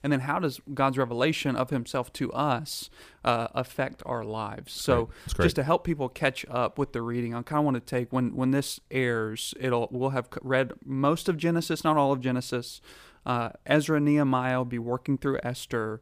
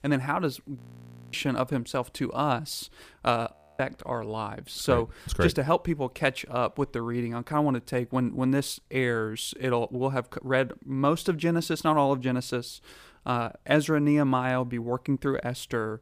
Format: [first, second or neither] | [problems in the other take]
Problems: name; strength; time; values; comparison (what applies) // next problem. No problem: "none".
first | audio freezing; at 1 s for 0.5 s and at 3.5 s